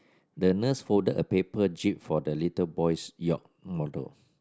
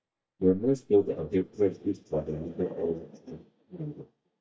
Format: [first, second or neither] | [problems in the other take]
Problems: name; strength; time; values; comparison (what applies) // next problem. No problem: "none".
first | noise reduction (neural mask model DeepFilterNet 3)